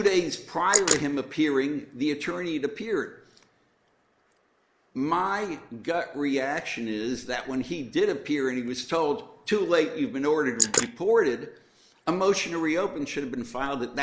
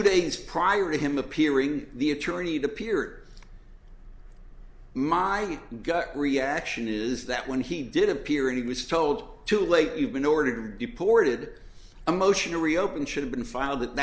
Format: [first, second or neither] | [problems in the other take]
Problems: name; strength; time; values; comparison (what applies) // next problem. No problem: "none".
second | noise reduction (neural mask model Resemble Enhance denoiser)